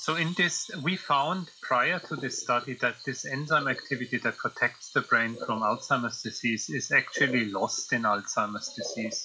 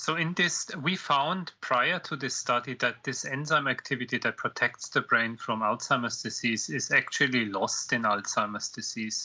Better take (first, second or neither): second